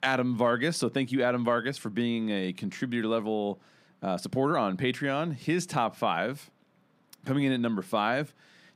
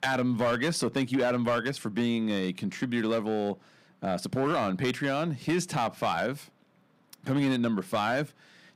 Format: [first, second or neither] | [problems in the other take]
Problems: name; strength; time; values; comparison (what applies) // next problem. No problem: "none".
first | distortion; slight; 6% of the sound clipped